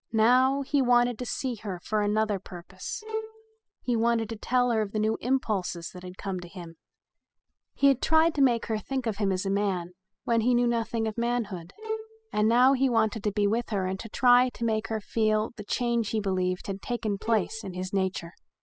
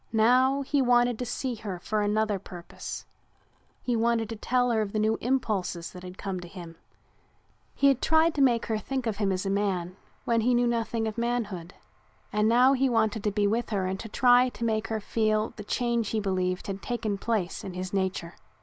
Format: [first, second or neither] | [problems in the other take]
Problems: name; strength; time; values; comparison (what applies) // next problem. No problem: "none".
second | noise reduction (classical method spectral subtraction)